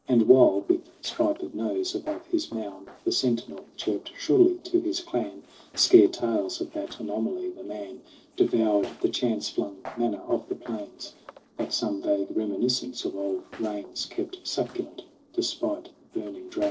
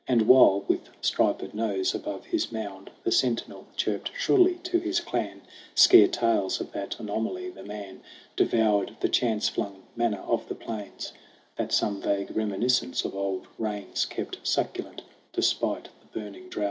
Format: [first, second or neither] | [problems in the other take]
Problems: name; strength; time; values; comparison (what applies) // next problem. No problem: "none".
second | noise reduction (neural separator model SepFormer DNS4)